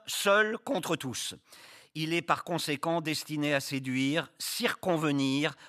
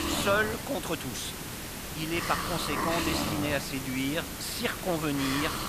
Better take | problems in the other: first | hiss; loud; throughout; 2 dB below the speech

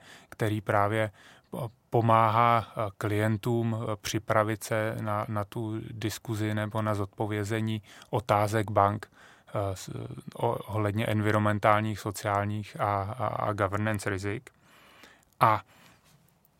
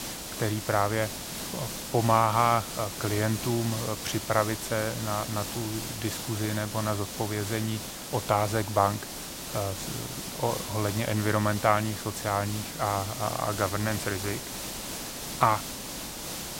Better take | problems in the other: first | hiss; loud; throughout; 6 dB below the speech

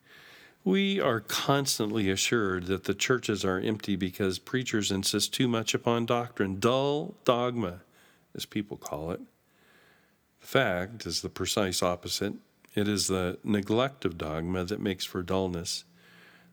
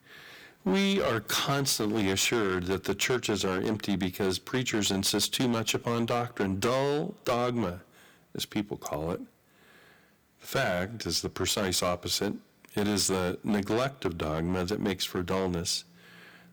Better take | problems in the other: first | distortion; heavy; 10% of the sound clipped

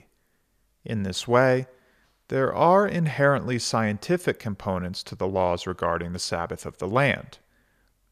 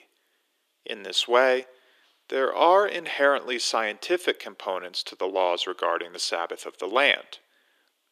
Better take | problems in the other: first | thin; very; fading below 300 Hz

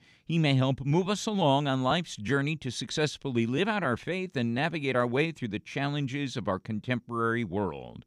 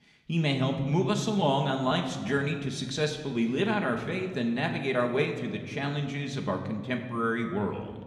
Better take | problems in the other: first | room echo; slight; dies away in 1.2 s

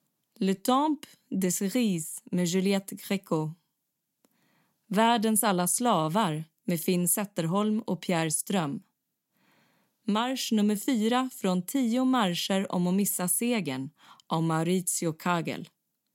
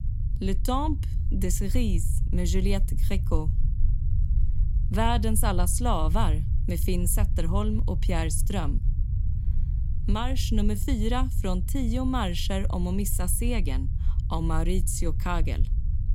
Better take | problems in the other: first | low rumble; noticeable; throughout; 15 dB below the speech

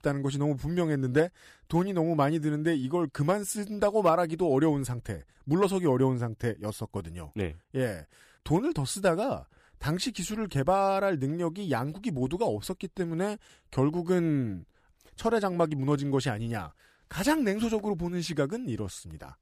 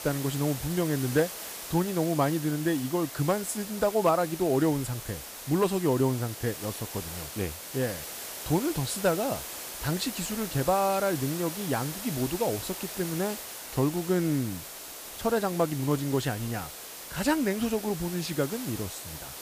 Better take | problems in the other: first | hiss; loud; throughout; 8 dB below the speech

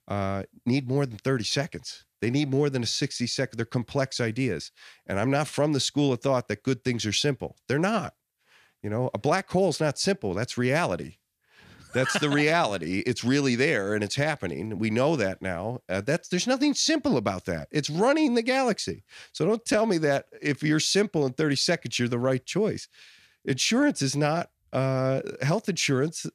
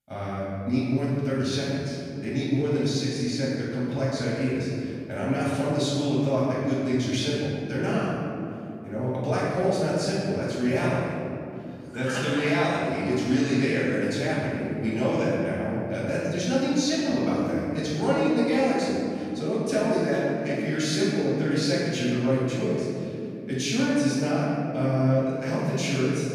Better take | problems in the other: first | room echo; strong; dies away in 3 s // off-mic speech; far

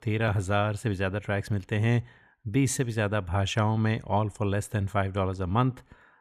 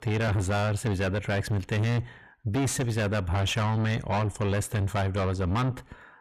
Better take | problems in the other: first | distortion; heavy; 6 dB below the speech

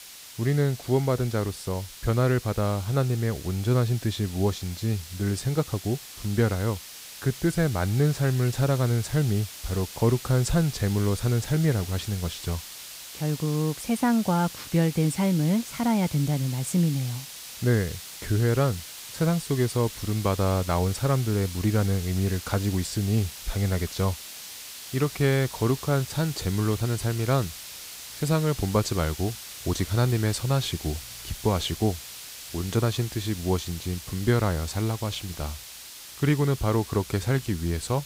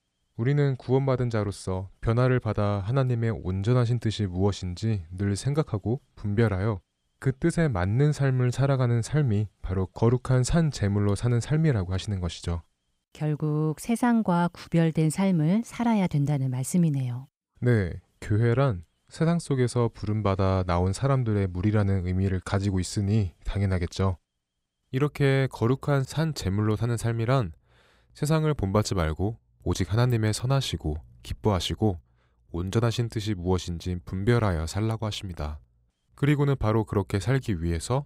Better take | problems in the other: second | hiss; noticeable; throughout; 10 dB below the speech

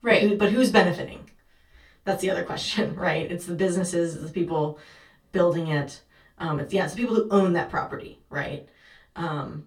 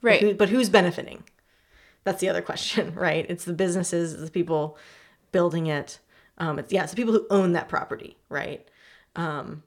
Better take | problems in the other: second | off-mic speech; far // room echo; very slight; dies away in 0.2 s

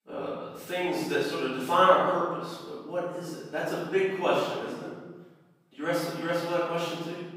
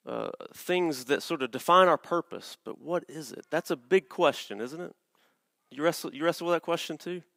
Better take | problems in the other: second | room echo; strong; dies away in 1.3 s // off-mic speech; far

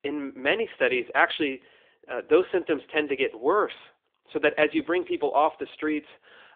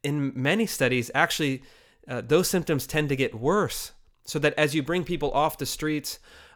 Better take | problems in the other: second | phone-call audio

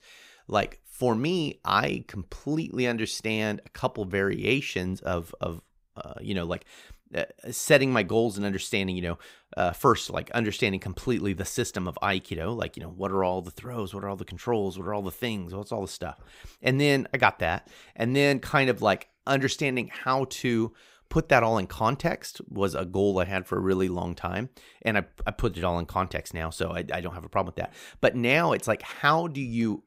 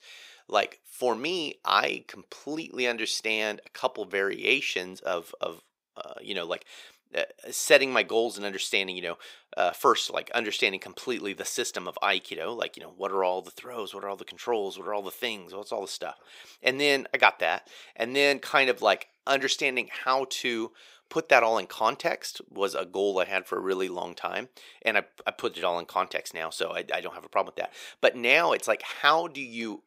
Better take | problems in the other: first | thin; somewhat; fading below 450 Hz

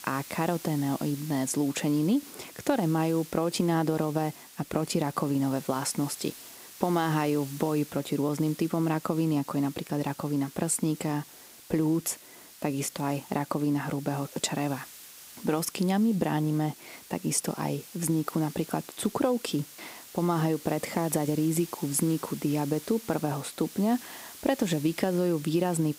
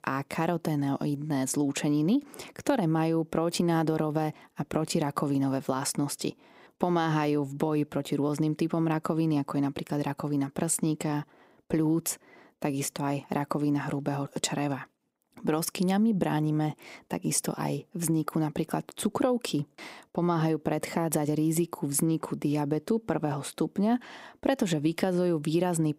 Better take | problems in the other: second | hiss; noticeable; throughout; 15 dB below the speech

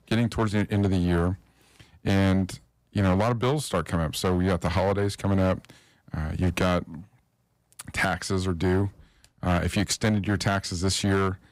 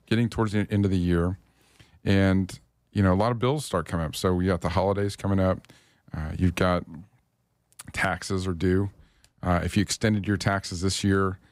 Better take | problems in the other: second | distortion; slight; 8% of the sound clipped

